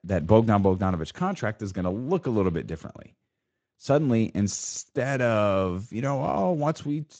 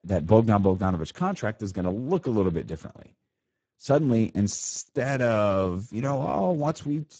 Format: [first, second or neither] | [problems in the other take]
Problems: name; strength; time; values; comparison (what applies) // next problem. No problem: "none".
first | garbled, watery; badly; nothing above 7.5 kHz; slightly in the first